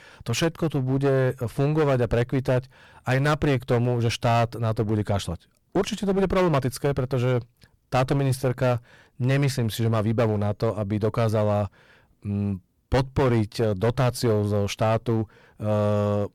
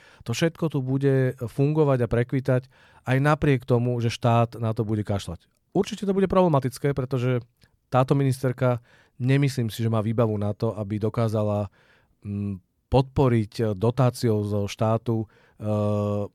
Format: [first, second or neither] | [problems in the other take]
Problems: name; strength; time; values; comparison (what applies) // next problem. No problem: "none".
second | distortion; heavy; 15% of the sound clipped